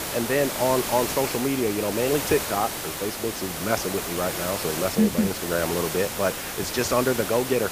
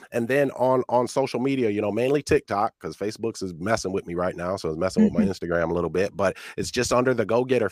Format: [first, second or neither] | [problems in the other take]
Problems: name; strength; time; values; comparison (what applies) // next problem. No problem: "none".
second | hiss; loud; throughout; 3 dB below the speech